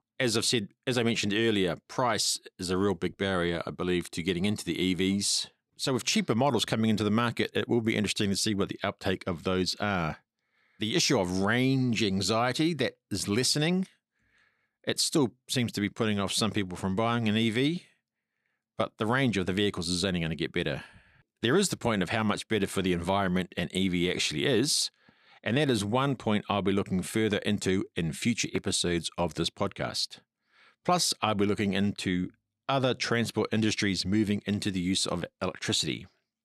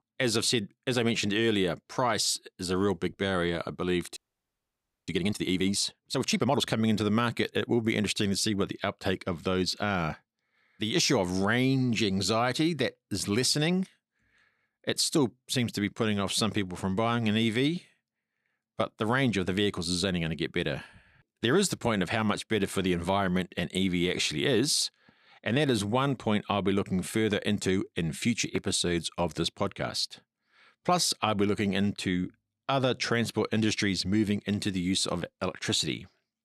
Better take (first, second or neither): first